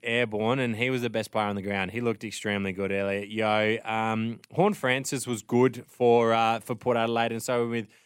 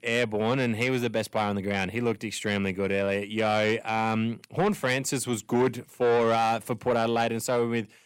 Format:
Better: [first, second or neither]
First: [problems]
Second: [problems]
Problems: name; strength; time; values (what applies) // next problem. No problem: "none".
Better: first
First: none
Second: distortion; slight; 10 dB below the speech